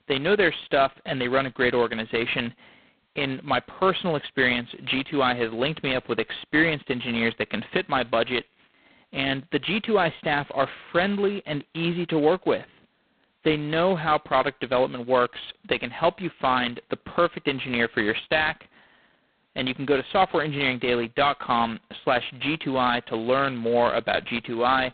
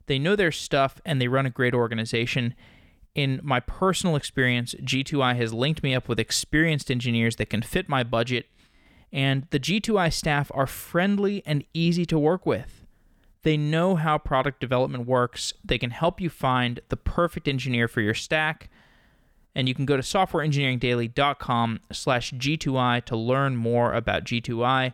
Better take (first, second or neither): second